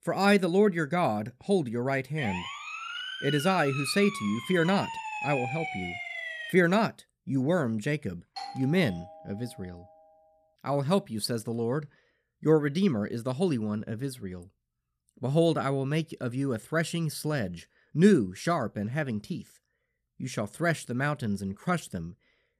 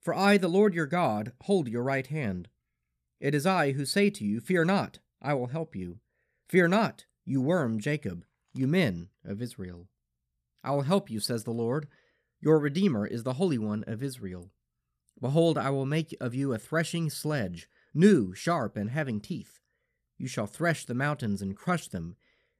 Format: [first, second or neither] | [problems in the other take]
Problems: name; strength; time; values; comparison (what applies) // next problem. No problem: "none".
second | siren; noticeable; from 2 to 6.5 s; peak 4 dB below the speech // doorbell; faint; from 8.5 to 10 s; peak 10 dB below the speech